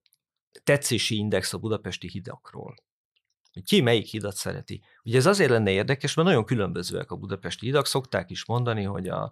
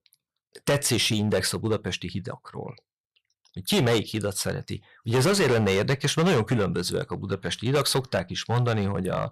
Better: first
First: none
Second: distortion; heavy; 9% of the sound clipped

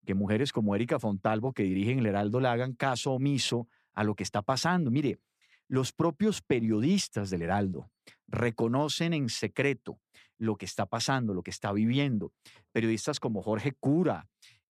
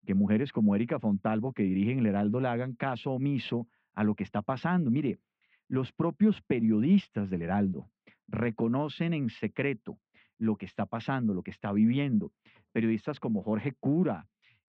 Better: first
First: none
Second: muffled; very; fading above 3 kHz

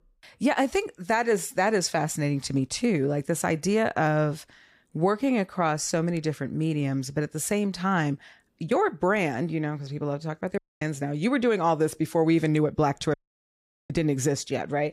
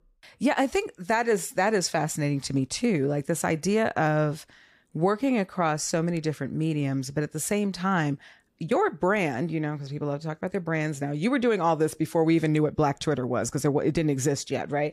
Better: second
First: audio cutting out; at 11 s and at 13 s for 1 s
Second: none

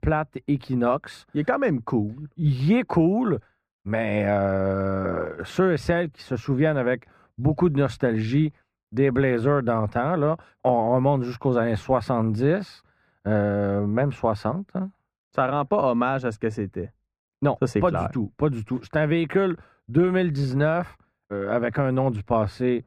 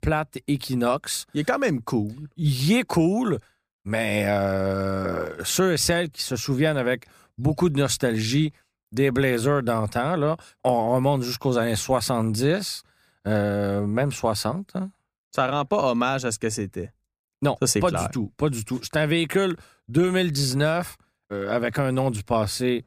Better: second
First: muffled; very; fading above 4 kHz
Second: none

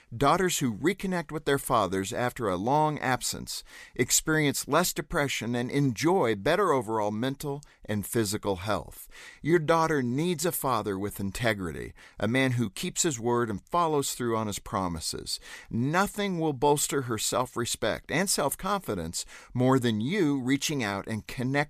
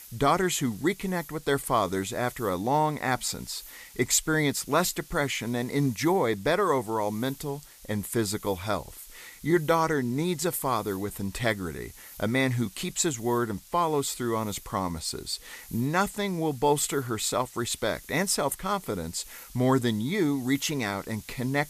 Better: first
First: none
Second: hiss; noticeable; throughout; 20 dB below the speech

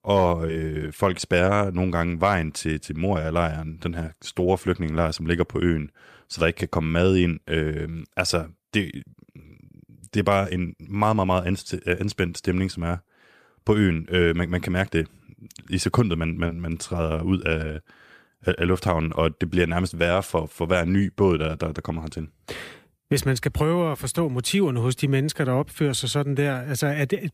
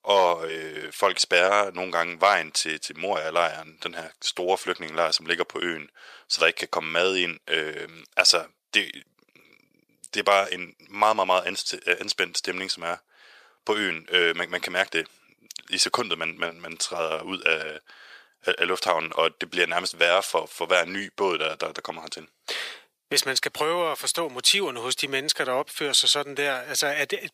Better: first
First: none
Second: thin; very; fading below 600 Hz

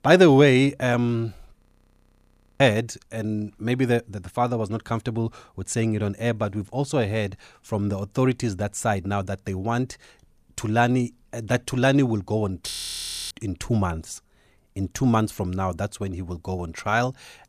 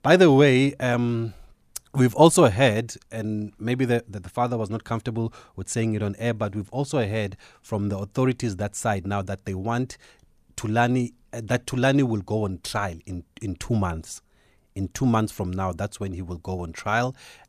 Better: second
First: audio freezing; at 1.5 s for 1 s and at 13 s for 0.5 s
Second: none

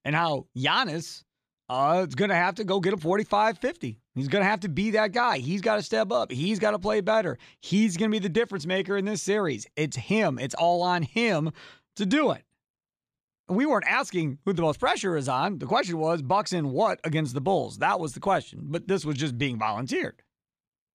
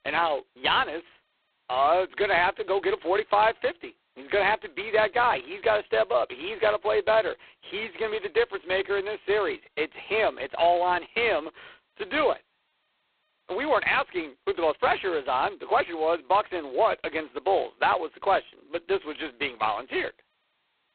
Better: first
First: none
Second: phone-call audio; poor line; nothing above 4 kHz

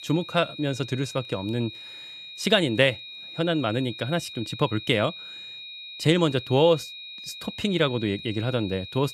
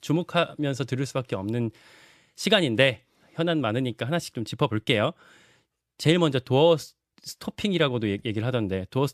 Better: second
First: high-pitched whine; noticeable; throughout; 4 kHz, 15 dB below the speech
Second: none

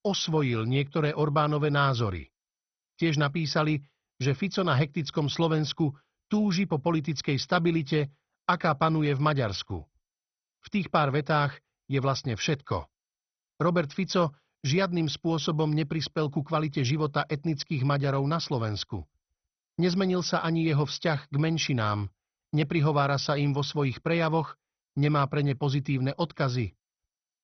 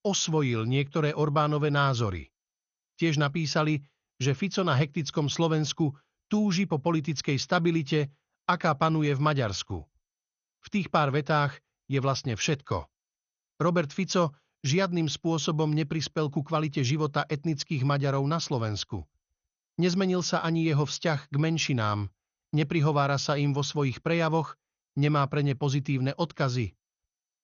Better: second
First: garbled, watery; badly; nothing above 6 kHz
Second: garbled, watery; slightly; nothing above 6.5 kHz

